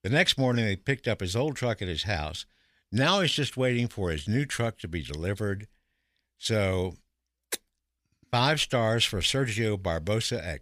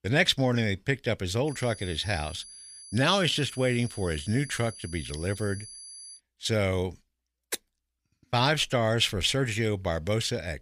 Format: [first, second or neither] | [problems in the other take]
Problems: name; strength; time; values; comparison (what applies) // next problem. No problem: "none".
first | high-pitched whine; noticeable; from 1.5 to 6 s; 10 kHz, 15 dB below the speech